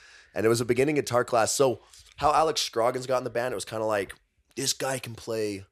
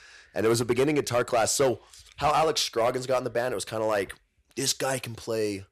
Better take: first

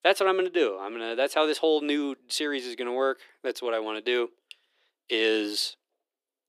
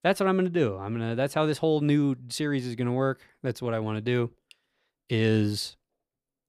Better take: second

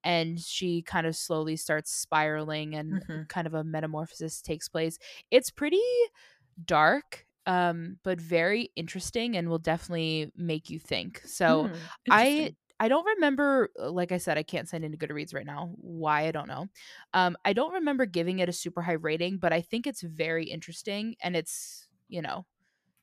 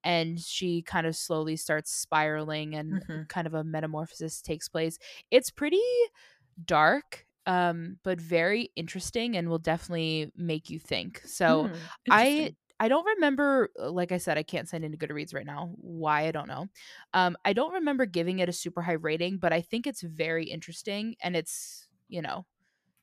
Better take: neither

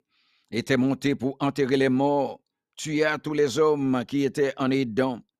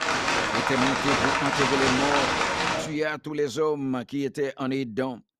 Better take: first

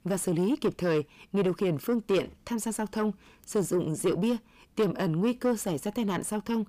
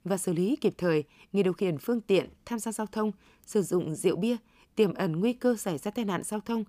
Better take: second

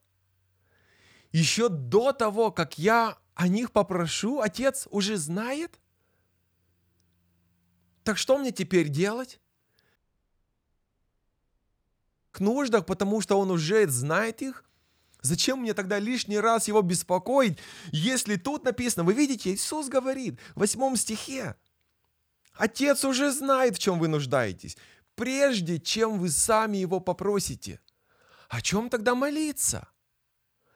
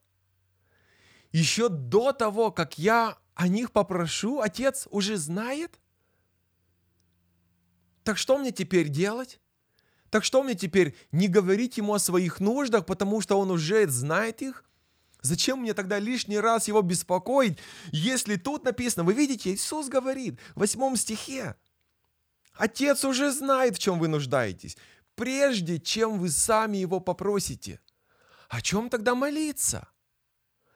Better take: second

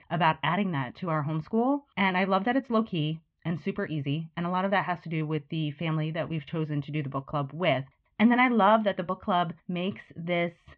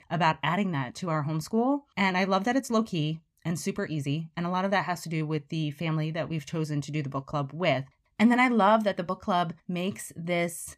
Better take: second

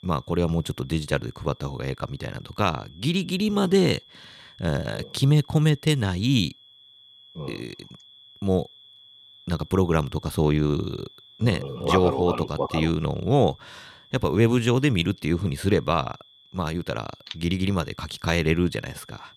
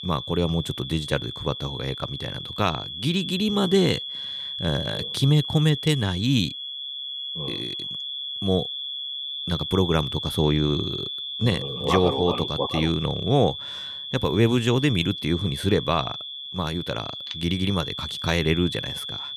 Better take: first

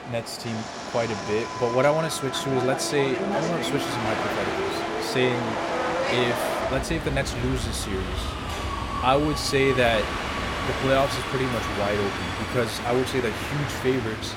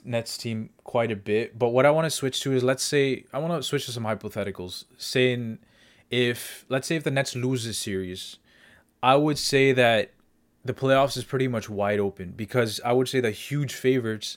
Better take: second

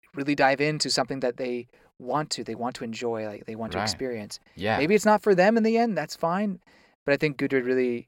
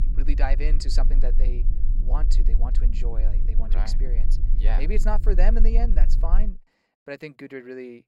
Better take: first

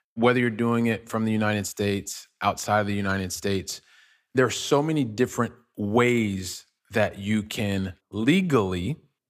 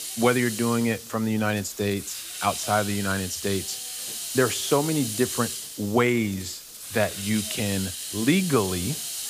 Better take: first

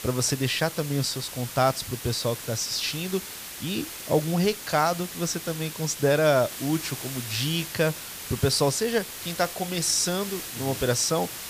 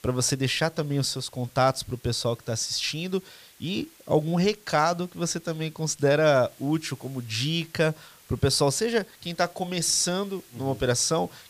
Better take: second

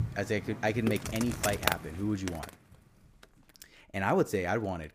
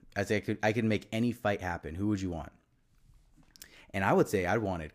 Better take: second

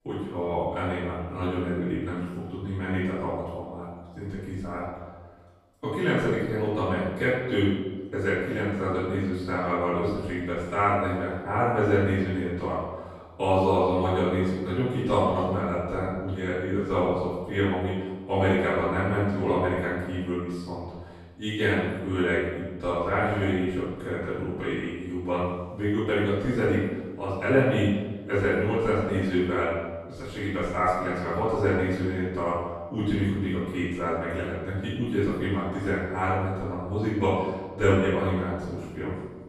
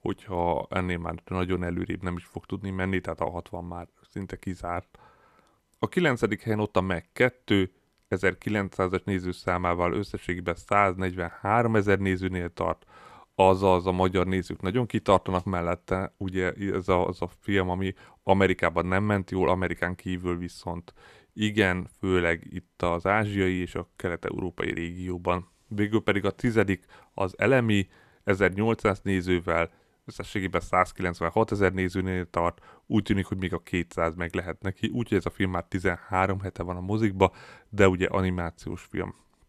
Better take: second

